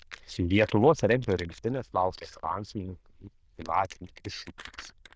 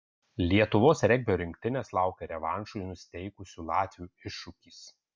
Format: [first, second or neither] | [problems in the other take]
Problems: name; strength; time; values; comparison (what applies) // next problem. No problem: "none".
second | noise reduction (neural diffusion model UNIVERSE++)